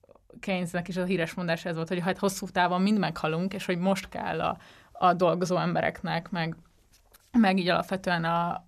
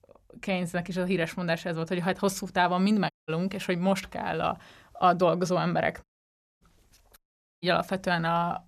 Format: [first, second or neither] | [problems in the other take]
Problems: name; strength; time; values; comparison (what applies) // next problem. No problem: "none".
first | audio cutting out; at 3 s, at 6 s for 0.5 s and at 7 s